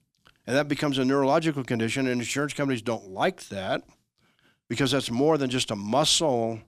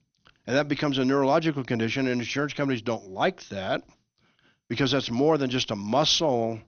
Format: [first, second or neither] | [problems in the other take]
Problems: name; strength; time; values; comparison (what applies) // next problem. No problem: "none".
first | garbled, watery; slightly; nothing above 6.5 kHz